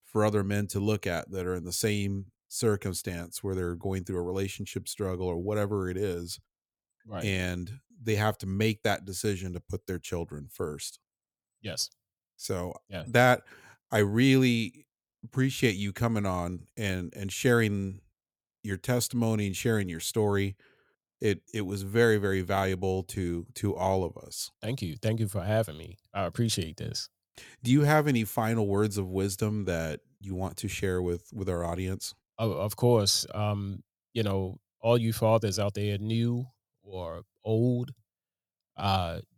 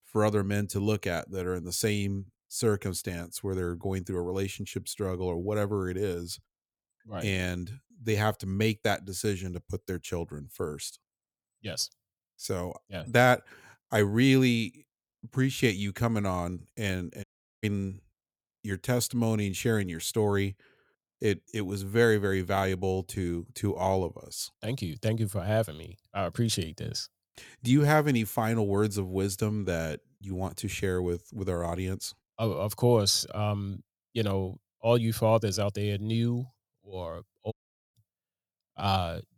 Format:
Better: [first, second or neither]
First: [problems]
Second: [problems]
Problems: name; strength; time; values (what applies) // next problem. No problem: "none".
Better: first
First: none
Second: audio cutting out; at 17 s and at 38 s